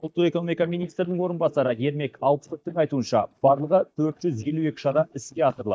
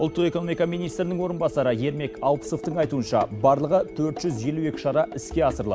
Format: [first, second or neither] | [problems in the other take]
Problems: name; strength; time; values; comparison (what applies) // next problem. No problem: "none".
second | noise reduction (neural mask model DeepFilterNet 3)